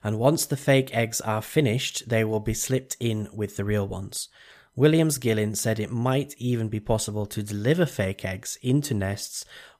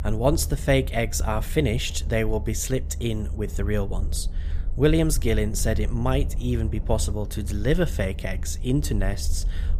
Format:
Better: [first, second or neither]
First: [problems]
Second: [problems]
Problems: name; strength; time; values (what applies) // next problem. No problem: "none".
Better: first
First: none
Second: low rumble; noticeable; throughout; 20 dB below the speech